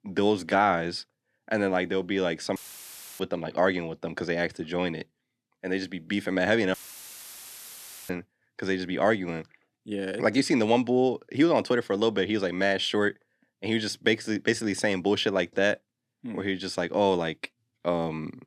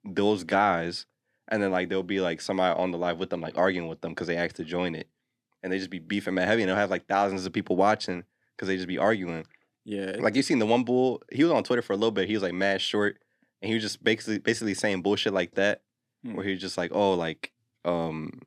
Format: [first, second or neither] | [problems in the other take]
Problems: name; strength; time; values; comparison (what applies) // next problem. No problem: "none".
second | audio cutting out; filled with static; at 2.5 s for 0.5 s and at 6.5 s for 1.5 s